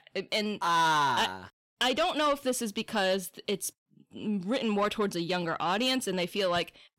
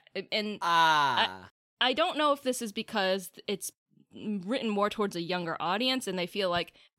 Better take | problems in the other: second | distortion; slight; 10 dB below the speech

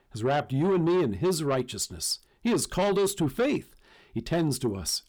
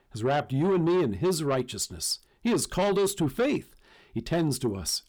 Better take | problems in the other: neither | distortion; slight; 10 dB below the speech; the same in both

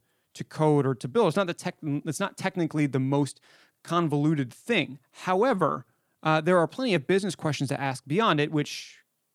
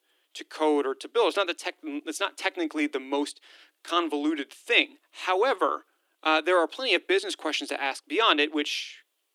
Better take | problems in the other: first | thin; somewhat; fading below 300 Hz

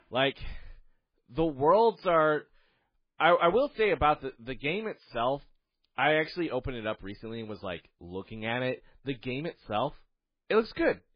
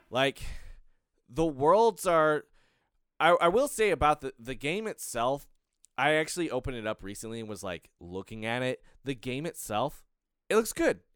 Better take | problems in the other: second | garbled, watery; badly; nothing above 5 kHz

